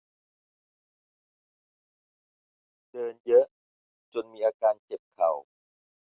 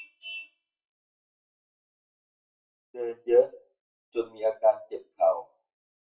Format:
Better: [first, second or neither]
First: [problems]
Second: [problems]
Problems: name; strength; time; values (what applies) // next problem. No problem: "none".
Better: first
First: none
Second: noise reduction (classical method WPE with log-MMSE)